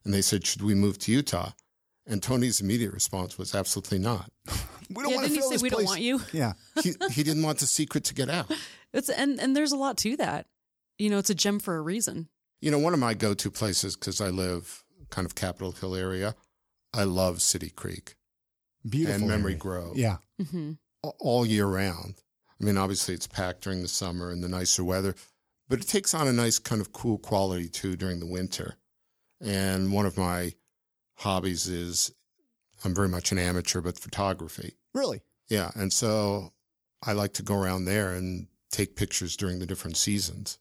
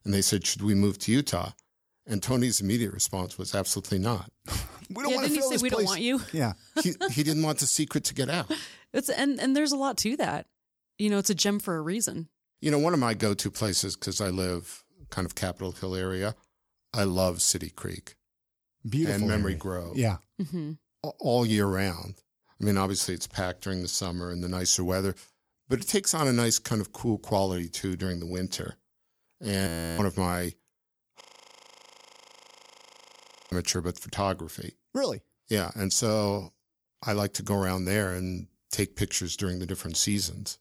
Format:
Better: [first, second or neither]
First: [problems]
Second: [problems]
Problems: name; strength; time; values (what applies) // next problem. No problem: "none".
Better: first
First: none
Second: audio freezing; at 30 s and at 31 s for 2.5 s